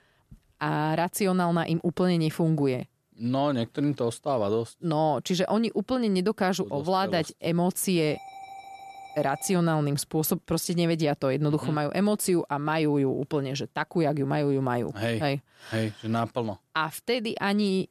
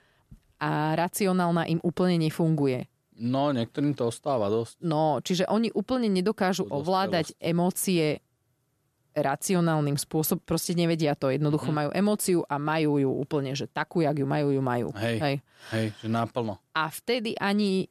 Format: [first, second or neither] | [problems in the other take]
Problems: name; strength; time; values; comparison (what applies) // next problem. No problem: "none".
second | alarm; faint; from 8 to 9.5 s; peak 15 dB below the speech